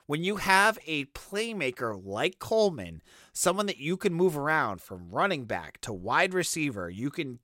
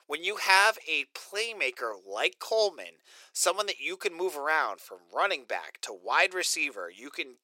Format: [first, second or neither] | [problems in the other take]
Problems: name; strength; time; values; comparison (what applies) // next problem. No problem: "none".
first | thin; very; fading below 400 Hz